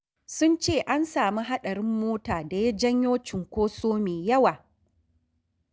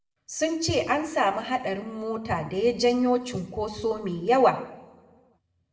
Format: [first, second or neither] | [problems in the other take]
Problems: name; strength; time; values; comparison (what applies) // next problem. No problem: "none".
first | room echo; dies away in 0.7 s